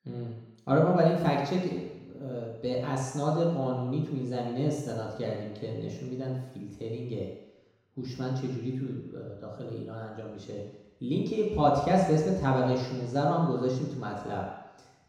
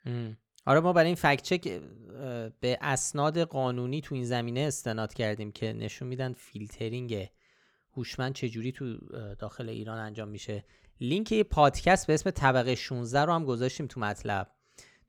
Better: second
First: room echo; noticeable; dies away in 1 s // off-mic speech; far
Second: none

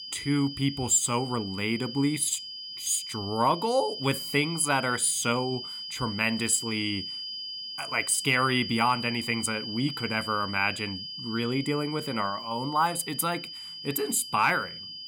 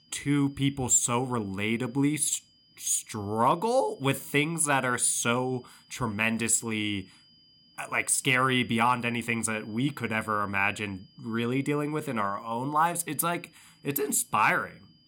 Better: second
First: high-pitched whine; loud; throughout; 5 kHz, 8 dB below the speech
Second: high-pitched whine; faint; throughout; 5 kHz, 30 dB below the speech

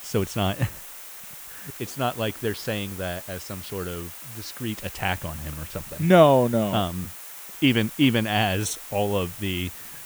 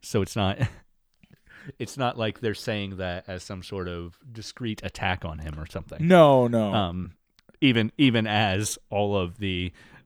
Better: second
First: hiss; noticeable; throughout; 15 dB below the speech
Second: none

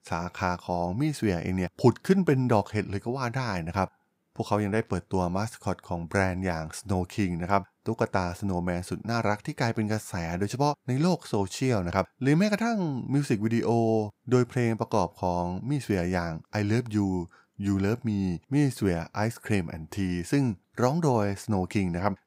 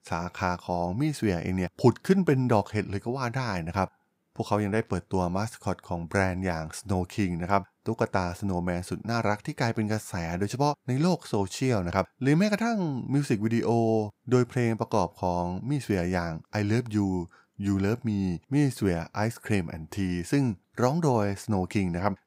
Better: neither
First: none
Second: none

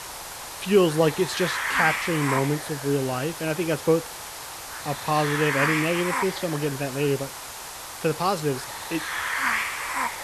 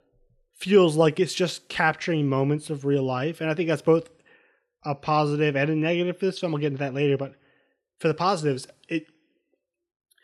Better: second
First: hiss; loud; throughout; 4 dB below the speech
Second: none

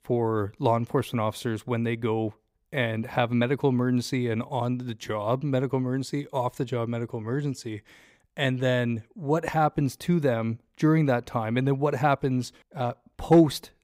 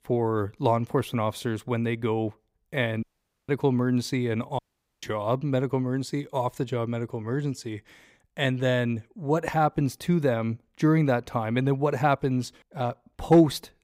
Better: first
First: none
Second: audio cutting out; at 3 s and at 4.5 s

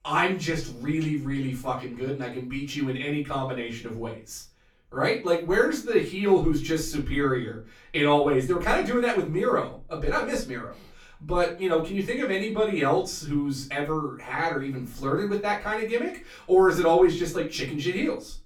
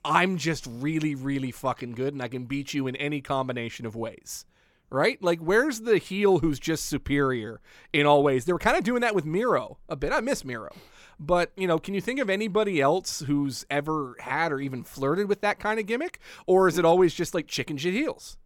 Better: second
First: room echo; slight; dies away in 0.3 s // off-mic speech; far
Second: none

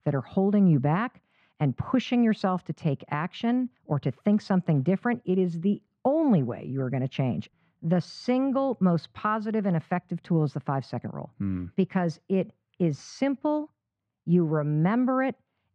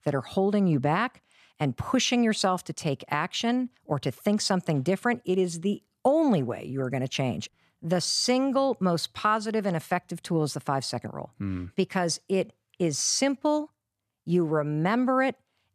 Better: second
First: muffled; slightly; fading above 2.5 kHz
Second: none

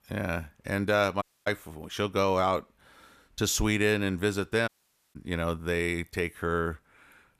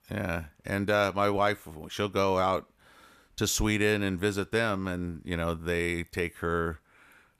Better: second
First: audio cutting out; at 1 s and at 4.5 s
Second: none

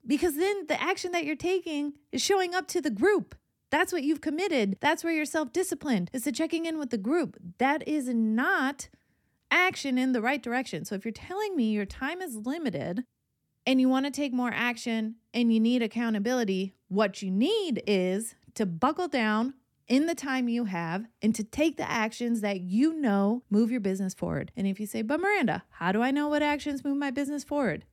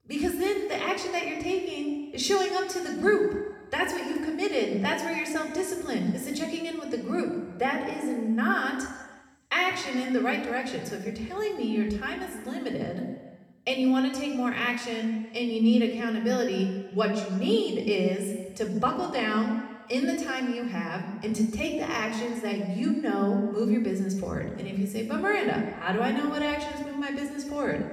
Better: first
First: none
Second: room echo; noticeable; dies away in 1.2 s // off-mic speech; somewhat distant

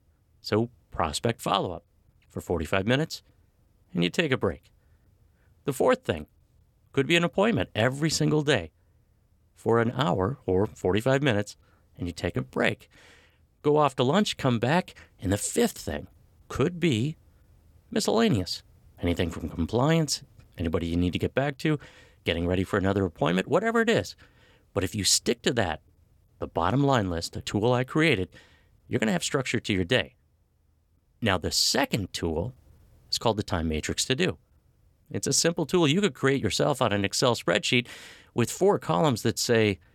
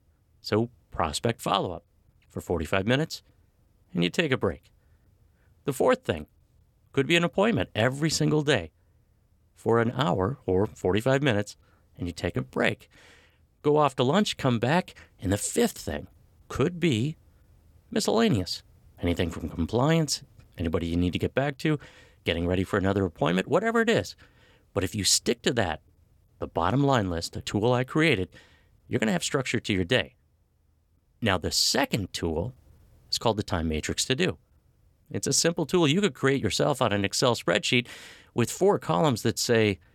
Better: neither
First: none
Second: none

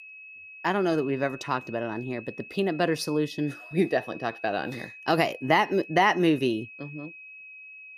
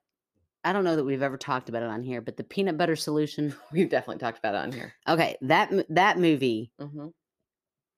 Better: second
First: high-pitched whine; noticeable; throughout; 2.5 kHz, 15 dB below the speech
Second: none

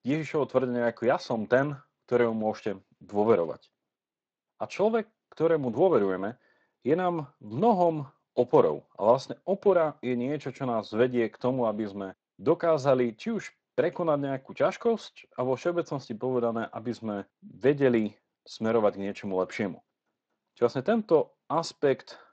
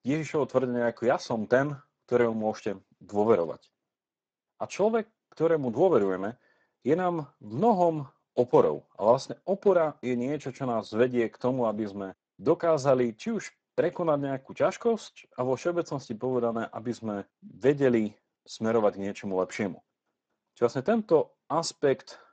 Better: first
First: garbled, watery; slightly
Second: garbled, watery; badly; nothing above 8 kHz

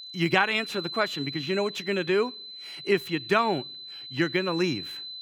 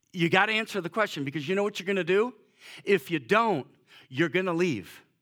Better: second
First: high-pitched whine; loud; throughout; 4 kHz, 10 dB below the speech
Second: none

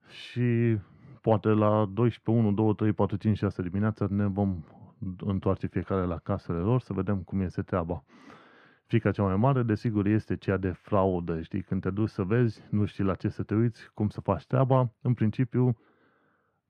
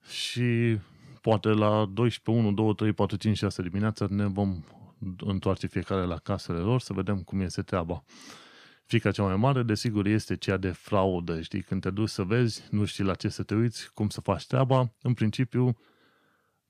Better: second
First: muffled; very; fading above 3 kHz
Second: none

